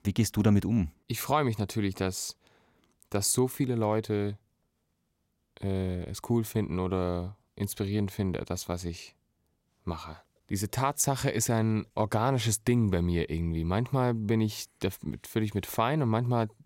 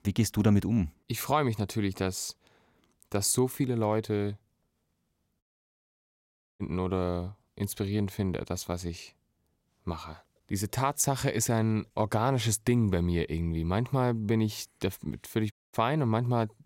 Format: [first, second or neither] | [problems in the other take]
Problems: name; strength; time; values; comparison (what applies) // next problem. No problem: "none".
first | audio cutting out; at 5.5 s for 1 s and at 16 s